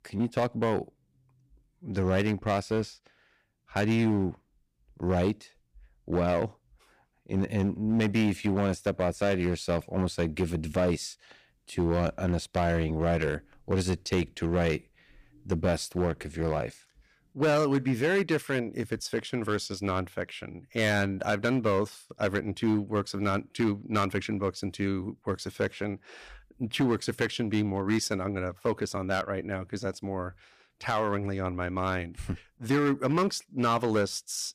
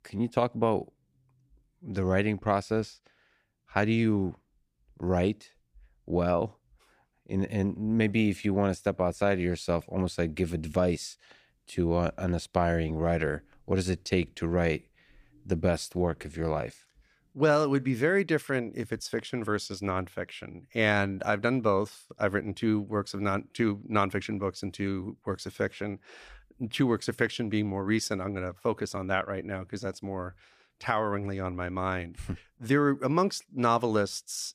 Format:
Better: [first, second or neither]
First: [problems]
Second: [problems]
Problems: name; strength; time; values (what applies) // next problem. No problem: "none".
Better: second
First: distortion; slight; 5% of the sound clipped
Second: none